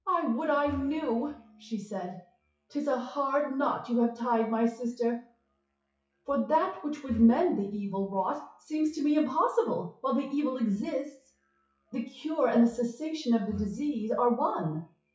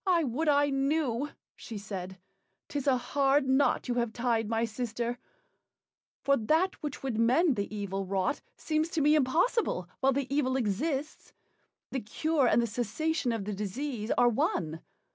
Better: second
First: noise reduction (classical method WPE with log-MMSE)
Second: none

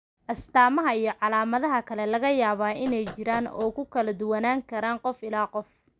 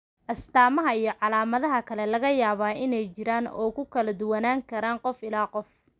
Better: second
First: background sound (Knock); 17 dB below the speech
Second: none

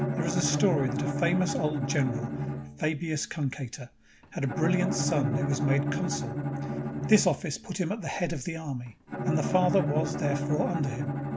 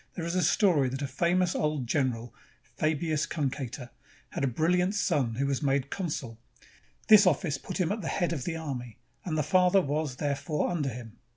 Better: second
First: background sound (Bowed string instrument); 2 dB below the speech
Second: none

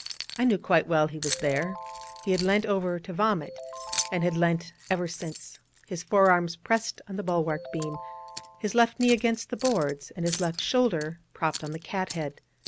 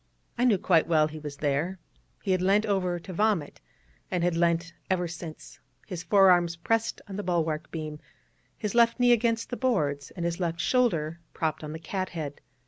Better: second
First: background sound (Ringtone + Keys jangling); 13 dB below the speech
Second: none

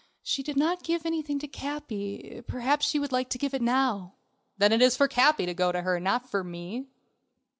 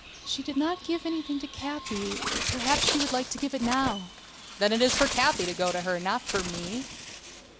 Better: first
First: none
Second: background sound (Bird); 5 dB below the speech

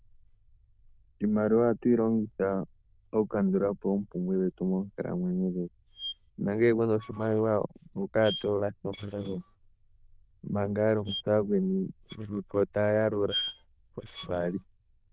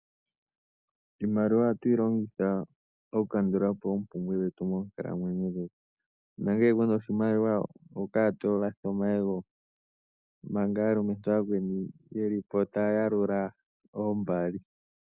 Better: second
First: noise reduction (neural diffusion model UNIVERSE++)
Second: none

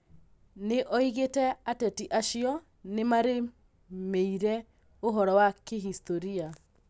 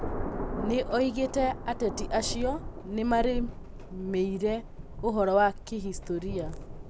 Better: first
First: none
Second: background sound (Thunder); 6 dB below the speech

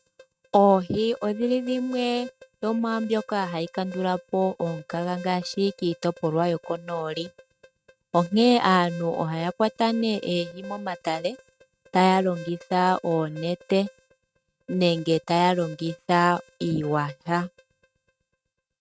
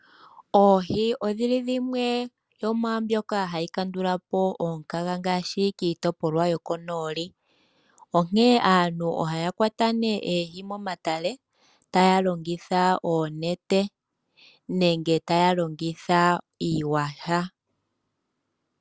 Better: second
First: noise reduction (neural mask model RNNoise)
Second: none

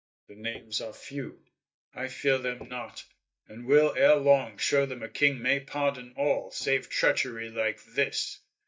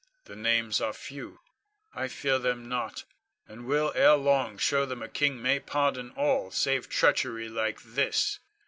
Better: second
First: noise reduction (neural mask model DeepFilterNet 3)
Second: none

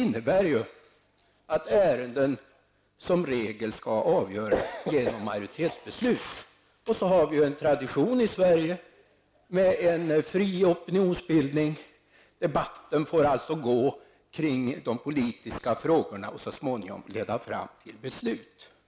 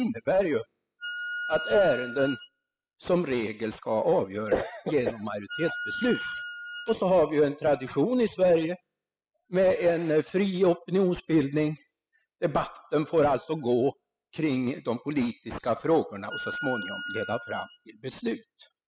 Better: first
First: none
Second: noise reduction (classical method spectral subtraction)

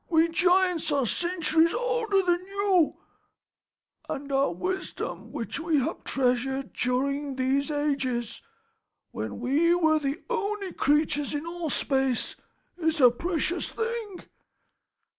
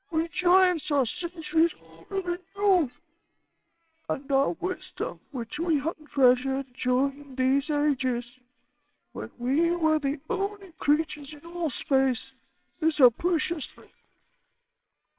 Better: first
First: none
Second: noise reduction (neural separator model SepFormer WHAMR!)

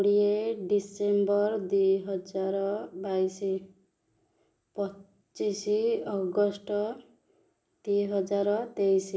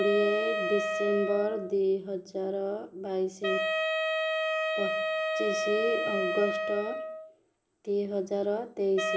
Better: first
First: none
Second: background sound (Wind instrument, woodwind instrument); 1 dB below the speech

